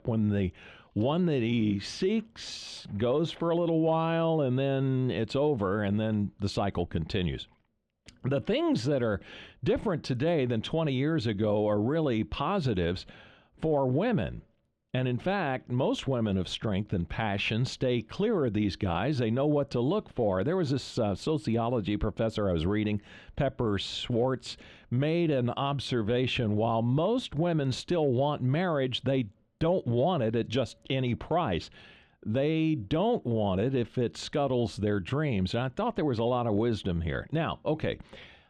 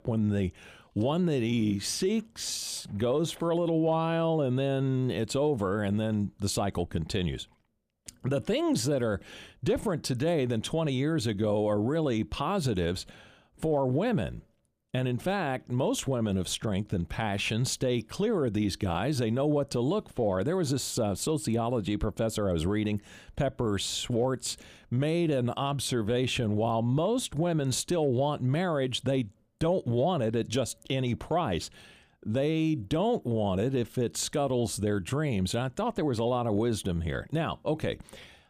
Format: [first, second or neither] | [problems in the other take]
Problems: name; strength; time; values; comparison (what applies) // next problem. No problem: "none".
second | muffled; very slightly; fading above 3 kHz